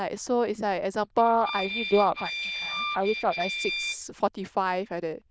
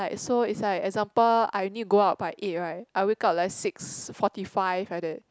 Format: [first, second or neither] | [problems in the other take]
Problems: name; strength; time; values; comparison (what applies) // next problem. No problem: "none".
second | noise reduction (neural diffusion model UNIVERSE++)